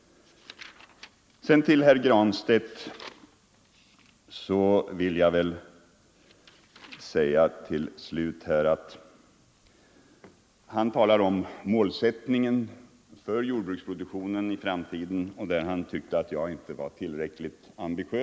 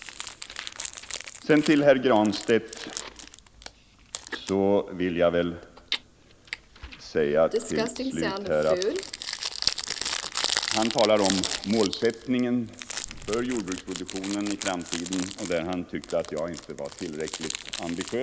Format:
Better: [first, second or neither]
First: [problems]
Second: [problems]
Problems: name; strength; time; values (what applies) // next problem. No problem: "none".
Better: first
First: none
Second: background sound (Crumpling, crinkling); 7 dB below the speech